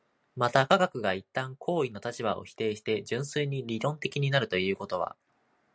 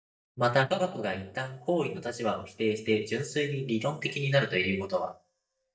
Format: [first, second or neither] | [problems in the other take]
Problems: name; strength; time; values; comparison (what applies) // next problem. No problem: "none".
first | noise reduction (neural mask model DeepFilterNet 3)